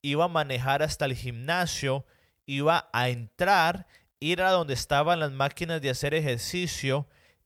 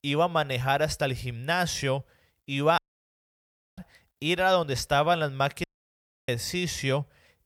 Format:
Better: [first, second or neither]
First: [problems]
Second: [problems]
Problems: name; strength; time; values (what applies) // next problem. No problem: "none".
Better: first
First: none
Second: audio cutting out; at 3 s for 1 s and at 5.5 s for 0.5 s